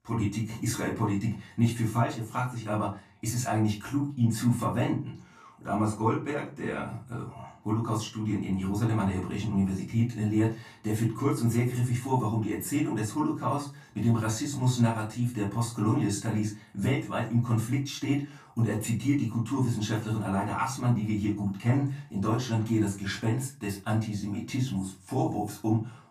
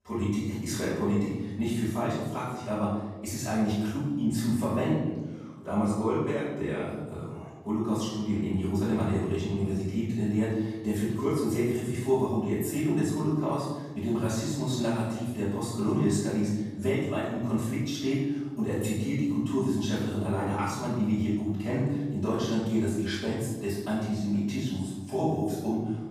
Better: first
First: room echo; slight; dies away in 0.3 s // off-mic speech; far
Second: room echo; strong; dies away in 1.2 s // off-mic speech; far

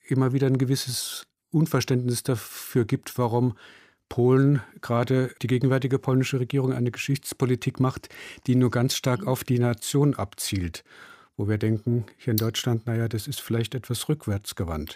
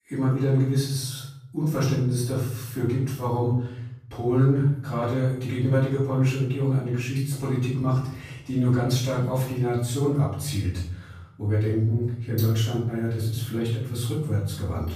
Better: first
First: none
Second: off-mic speech; far // room echo; noticeable; dies away in 0.9 s

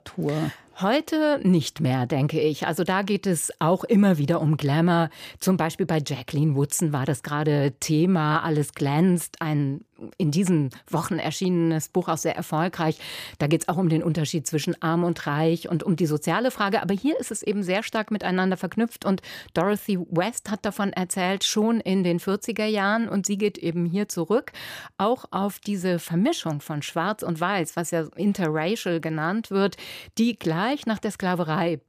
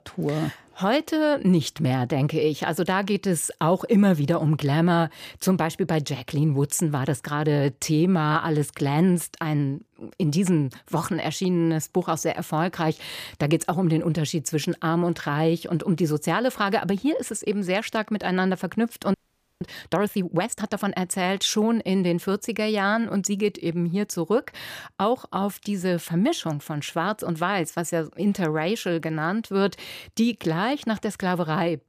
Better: first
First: none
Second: audio freezing; at 19 s

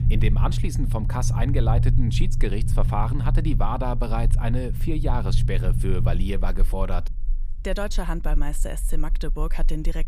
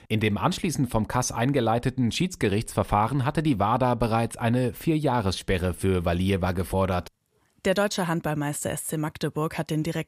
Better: second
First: low rumble; loud; throughout; 8 dB below the speech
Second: none

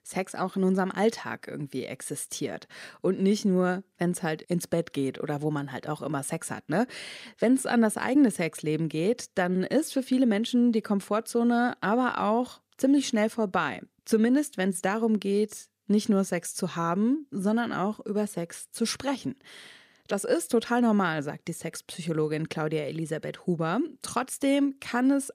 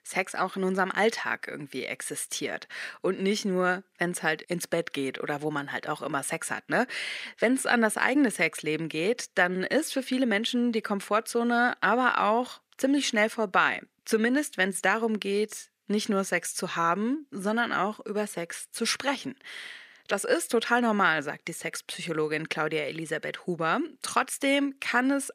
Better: first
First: none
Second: thin; very slightly; fading below 750 Hz

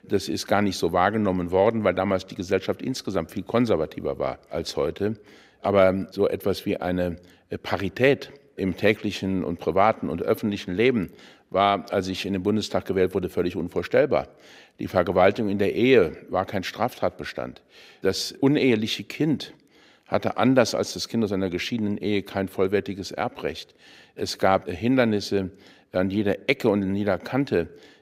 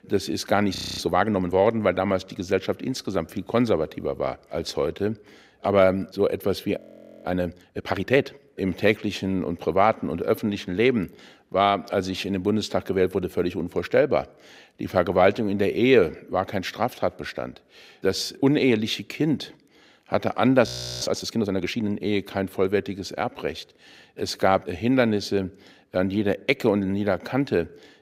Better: first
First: none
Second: audio freezing; at 1 s, at 7 s and at 21 s

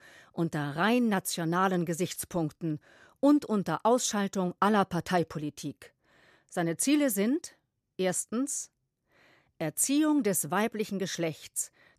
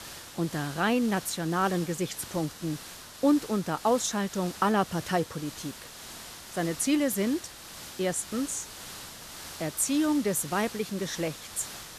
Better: first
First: none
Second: hiss; noticeable; throughout; 15 dB below the speech

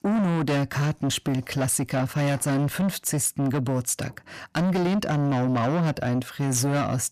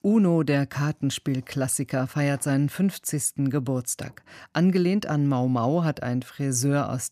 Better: second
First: distortion; heavy; 7 dB below the speech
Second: none

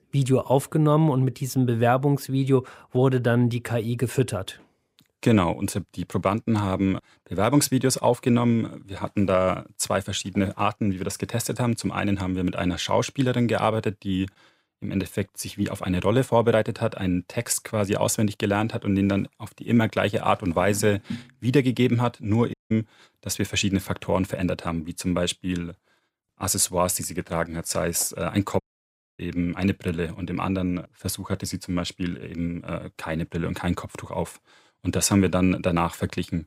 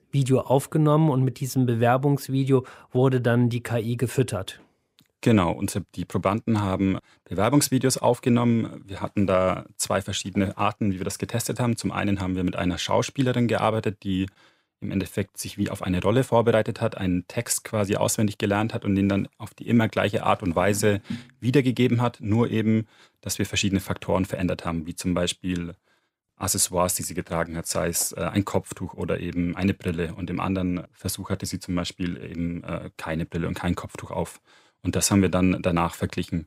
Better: second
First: audio cutting out; at 23 s and at 29 s for 0.5 s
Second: none

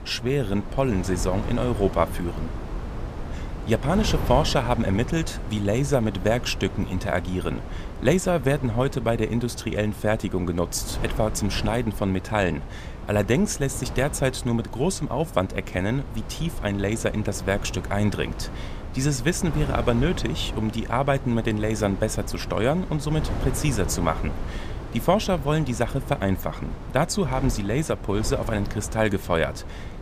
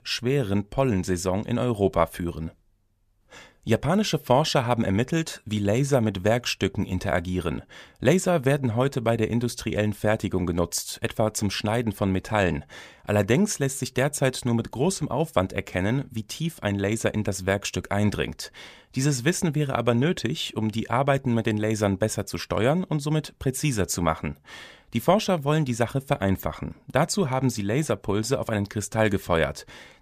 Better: second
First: wind noise on the microphone; occasional gusts; 15 dB below the speech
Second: none

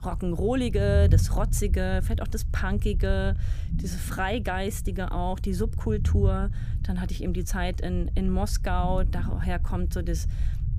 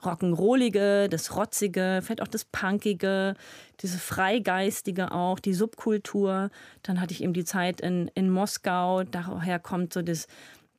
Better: second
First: low rumble; noticeable; throughout; 15 dB below the speech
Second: none

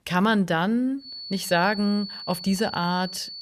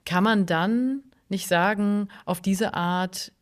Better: second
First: high-pitched whine; noticeable; from 1 s on; 4.5 kHz, 10 dB below the speech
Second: none

